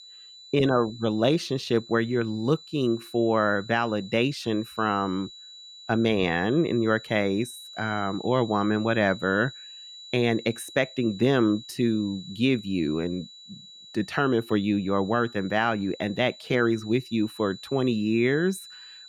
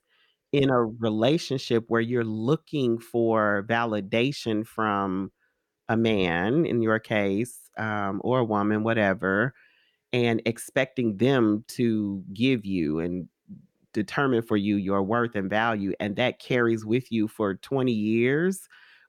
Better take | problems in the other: second | high-pitched whine; noticeable; throughout; 4 kHz, 15 dB below the speech

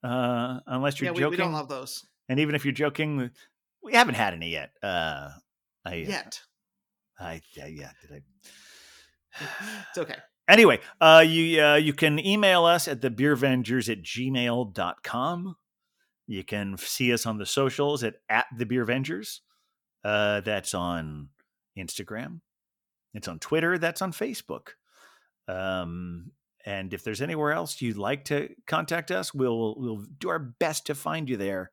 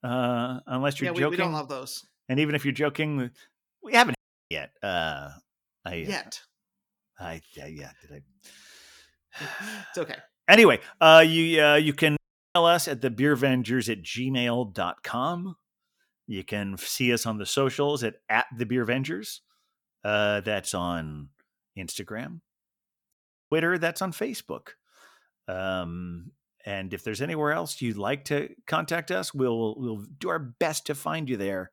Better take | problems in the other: first | audio cutting out; at 4 s, at 12 s and at 23 s

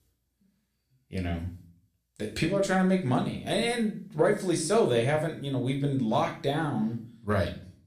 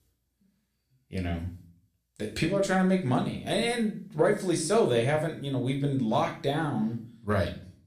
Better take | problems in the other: neither | room echo; slight; dies away in 0.4 s; the same in both // off-mic speech; somewhat distant; the same in both

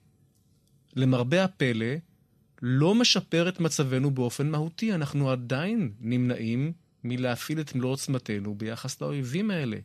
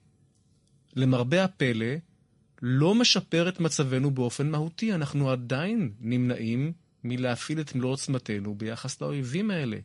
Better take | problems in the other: first | garbled, watery; slightly; nothing above 11 kHz

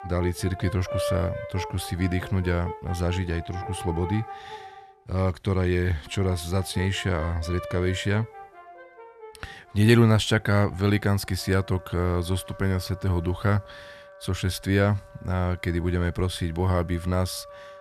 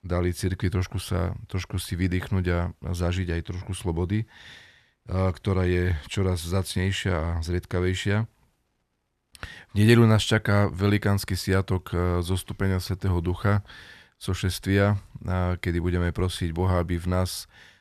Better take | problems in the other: second | background music; noticeable; throughout; 15 dB below the speech

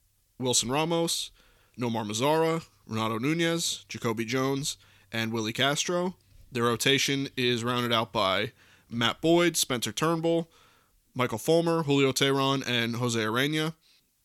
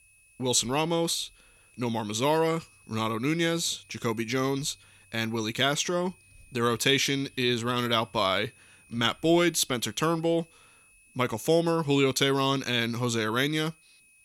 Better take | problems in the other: first | high-pitched whine; faint; throughout; 2.5 kHz, 30 dB below the speech

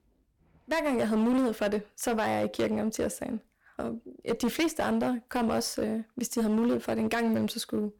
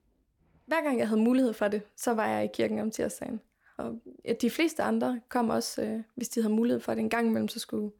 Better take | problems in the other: second | distortion; slight; 13% of the sound clipped

